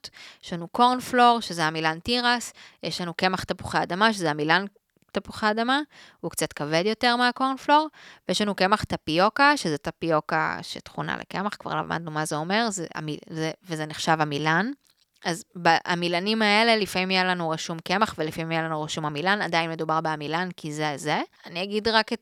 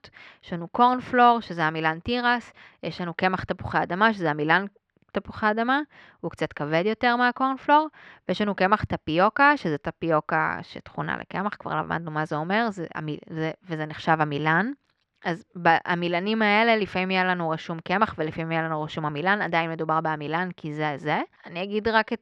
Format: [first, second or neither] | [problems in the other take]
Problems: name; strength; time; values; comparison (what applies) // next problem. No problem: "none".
first | muffled; slightly; fading above 2 kHz